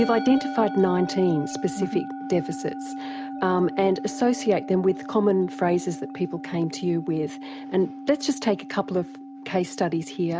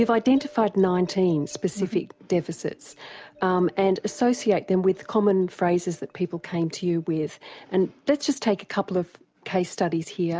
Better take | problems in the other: second | background sound (Musical instrument); 10 dB below the speech

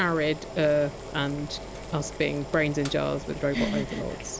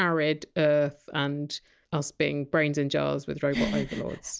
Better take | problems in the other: second | background sound (Boiling); 11 dB below the speech

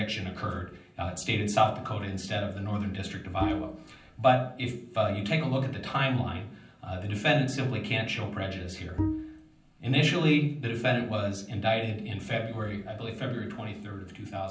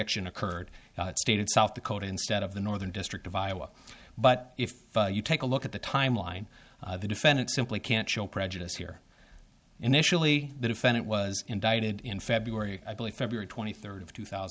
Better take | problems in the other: second | background sound (Bowed string instrument); 3 dB below the speech // room echo; dies away in 0.6 s

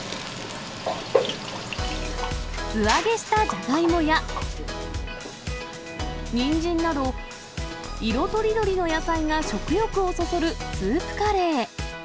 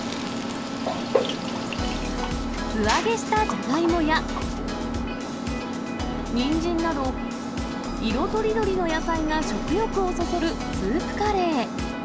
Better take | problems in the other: first | background sound (Engine); 4 dB below the speech

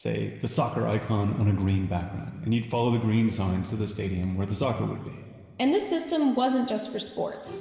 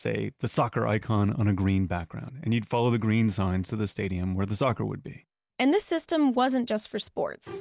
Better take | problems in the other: second | room echo; dies away in 2.9 s

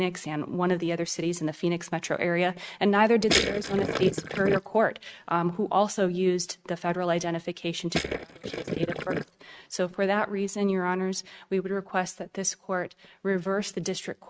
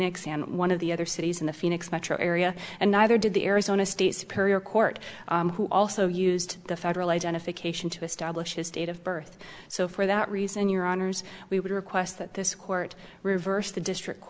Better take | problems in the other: second | noise reduction (neural mask model RNNoise)

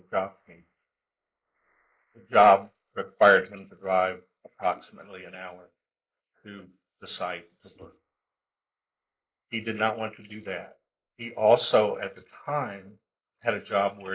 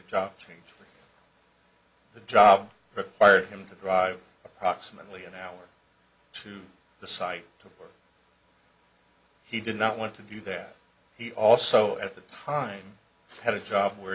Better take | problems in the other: second | noise reduction (neural mask model Resemble Enhance denoiser)

